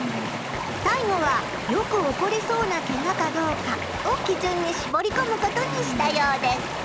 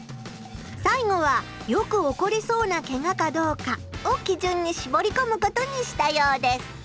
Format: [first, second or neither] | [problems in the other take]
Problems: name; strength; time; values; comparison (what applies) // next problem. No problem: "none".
second | background sound (Stream); 4 dB below the speech